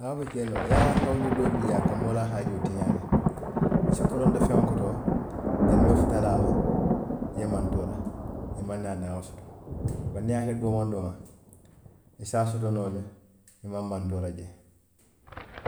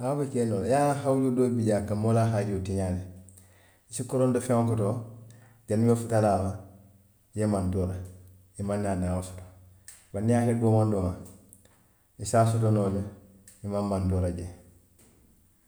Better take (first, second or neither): second